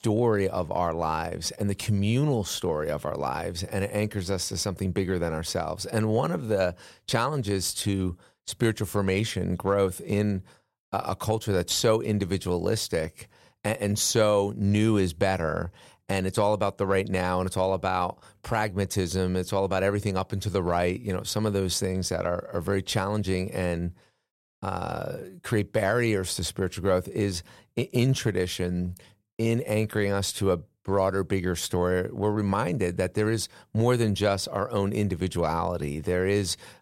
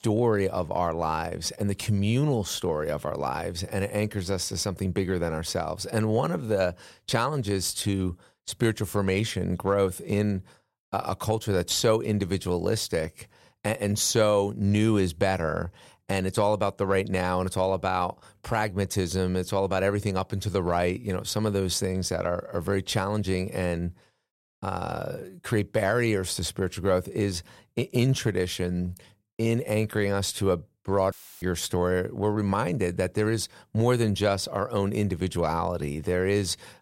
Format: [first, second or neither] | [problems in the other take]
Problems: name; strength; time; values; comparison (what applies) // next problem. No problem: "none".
first | audio cutting out; filled with static; at 31 s